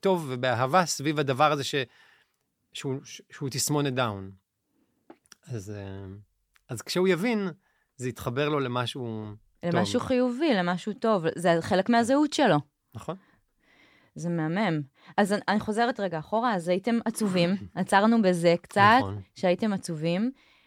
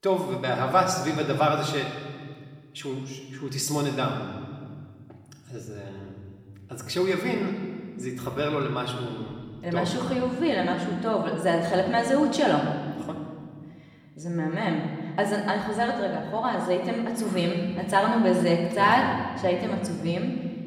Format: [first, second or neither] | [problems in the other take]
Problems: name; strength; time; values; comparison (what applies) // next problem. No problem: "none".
first | room echo; noticeable; dies away in 1.7 s // off-mic speech; far